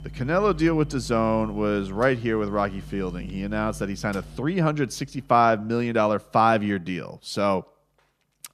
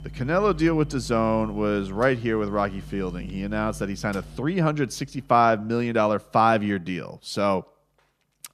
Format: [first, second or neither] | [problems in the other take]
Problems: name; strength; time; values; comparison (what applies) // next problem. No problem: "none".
neither | household noises; noticeable; throughout; 15 dB below the speech; the same in both